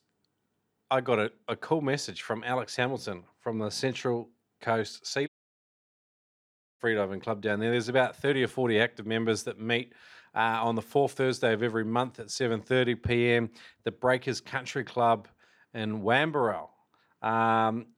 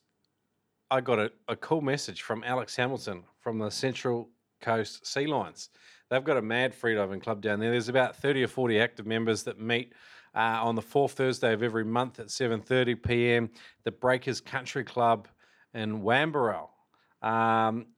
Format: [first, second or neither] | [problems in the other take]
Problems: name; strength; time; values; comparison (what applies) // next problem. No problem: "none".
second | audio cutting out; at 5.5 s for 1.5 s